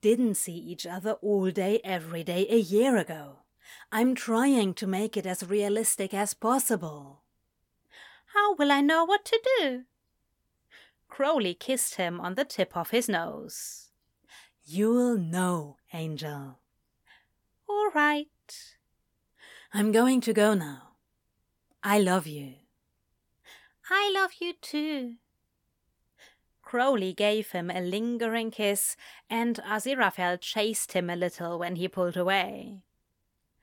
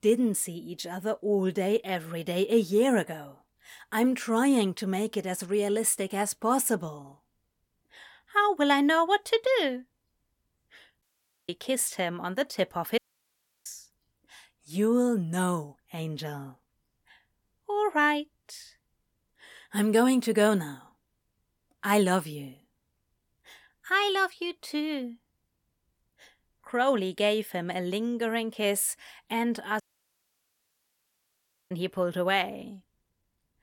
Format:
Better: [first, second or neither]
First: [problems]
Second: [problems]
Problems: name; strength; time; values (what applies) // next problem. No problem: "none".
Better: first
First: none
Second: audio cutting out; at 11 s, at 13 s for 0.5 s and at 30 s for 2 s